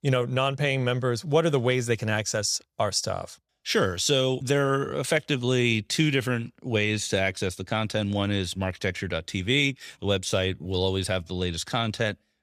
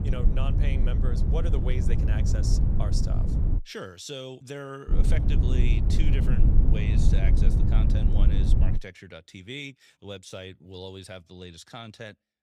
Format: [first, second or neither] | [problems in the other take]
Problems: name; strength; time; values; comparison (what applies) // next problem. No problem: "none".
first | low rumble; loud; until 3.5 s and from 5 to 9 s; as loud as the speech